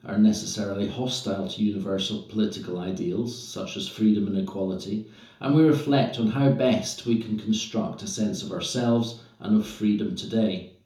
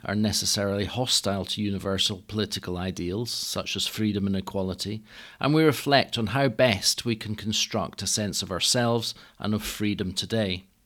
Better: second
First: room echo; slight; dies away in 0.6 s // off-mic speech; far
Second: none

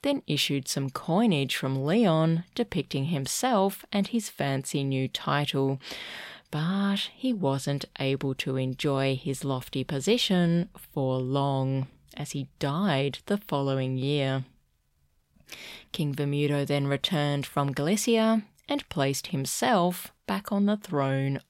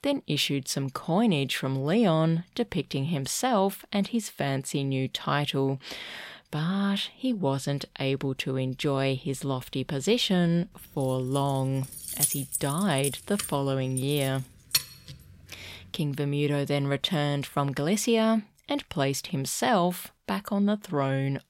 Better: first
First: none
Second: jangling keys; loud; from 11 to 15 s; peak 2 dB above the speech

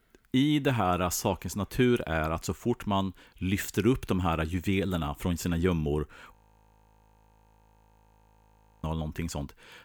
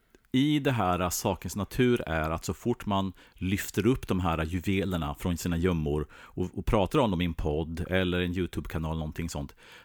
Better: second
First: audio freezing; at 6.5 s for 2.5 s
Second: none

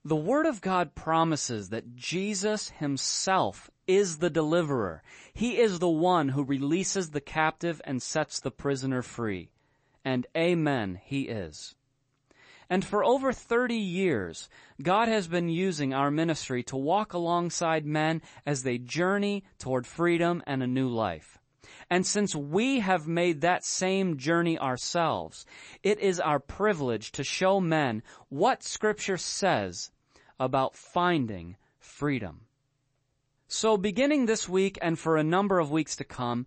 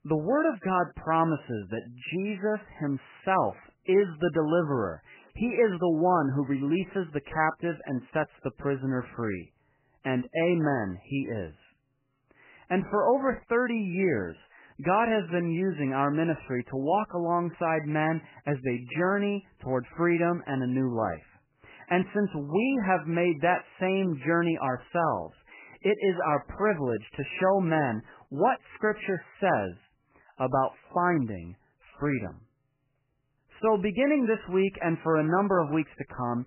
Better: first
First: garbled, watery; slightly; nothing above 8 kHz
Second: garbled, watery; badly; nothing above 3 kHz

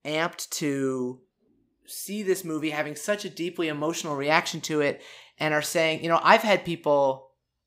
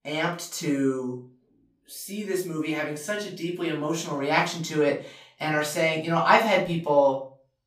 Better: first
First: none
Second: off-mic speech; far // room echo; slight; dies away in 0.3 s

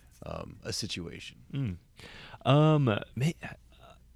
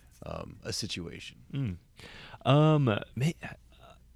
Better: neither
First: none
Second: none

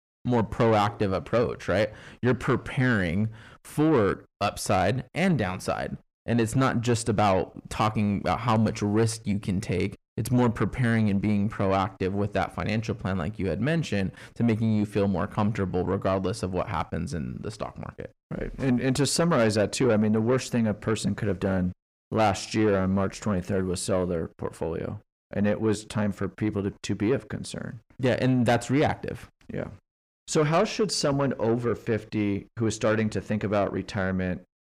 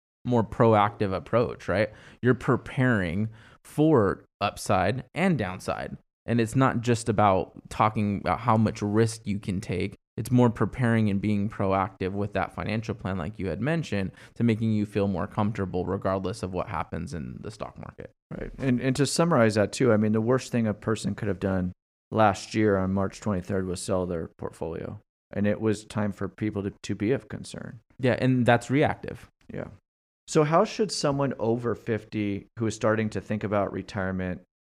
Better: second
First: distortion; slight; 10 dB below the speech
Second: none

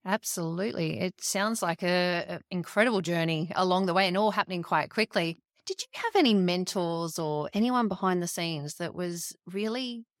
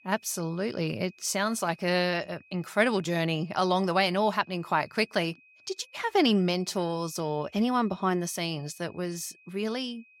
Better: first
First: none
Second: high-pitched whine; faint; throughout; 2.5 kHz, 30 dB below the speech

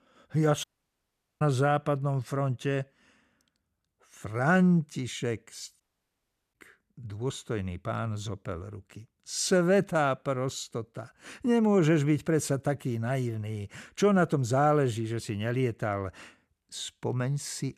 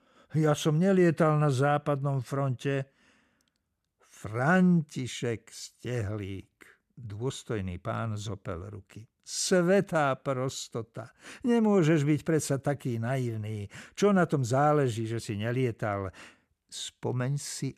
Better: second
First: audio cutting out; at 0.5 s for 1 s and at 6 s for 0.5 s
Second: none

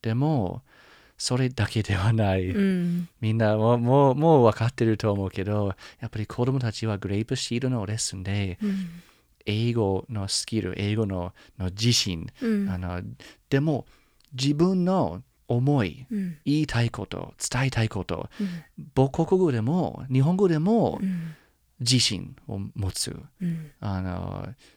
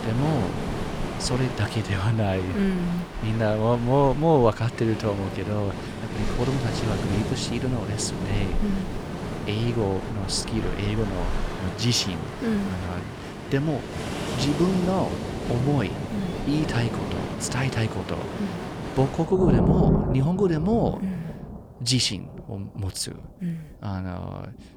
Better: first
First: none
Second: rain or running water; loud; throughout; 4 dB below the speech

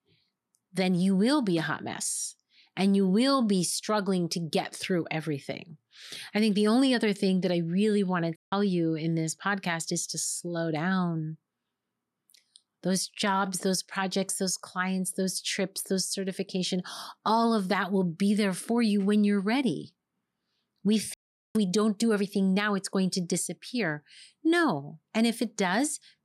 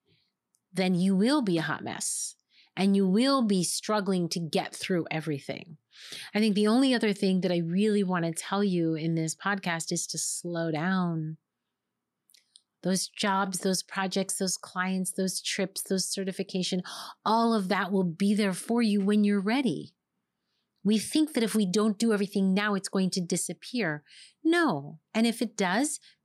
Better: second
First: audio cutting out; at 8.5 s and at 21 s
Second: none

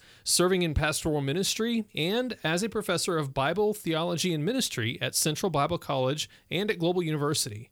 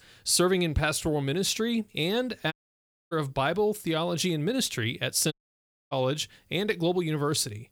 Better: first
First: none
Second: audio cutting out; at 2.5 s for 0.5 s and at 5.5 s for 0.5 s

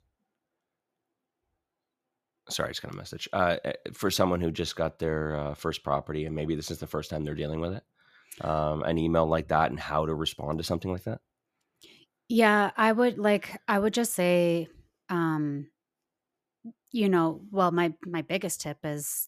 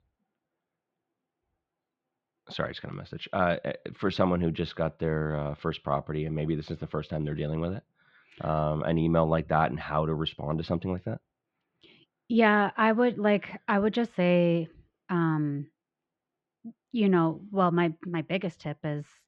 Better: first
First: none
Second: muffled; slightly; fading above 3.5 kHz

